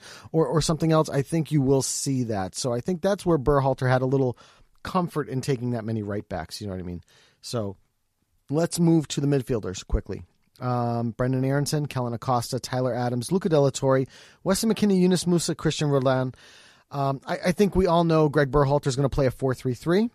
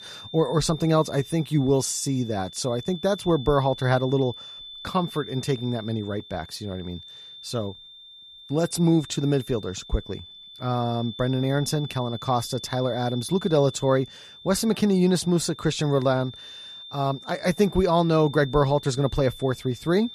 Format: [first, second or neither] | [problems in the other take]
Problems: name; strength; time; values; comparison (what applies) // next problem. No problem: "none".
first | high-pitched whine; noticeable; throughout; 3.5 kHz, 15 dB below the speech